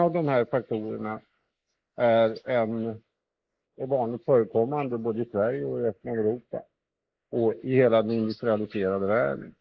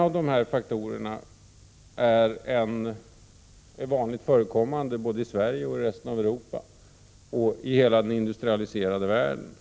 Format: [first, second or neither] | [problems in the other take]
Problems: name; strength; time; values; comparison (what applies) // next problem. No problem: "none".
second | noise reduction (neural mask model Resemble Enhance denoiser)